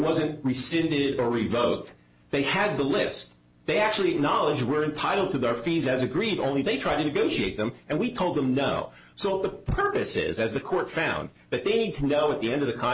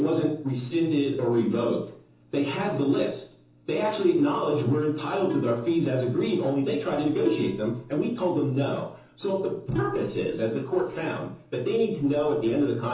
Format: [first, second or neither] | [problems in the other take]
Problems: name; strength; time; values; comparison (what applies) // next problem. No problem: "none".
first | background sound (Plucked string instrument); 14 dB below the speech // room echo; dies away in 0.7 s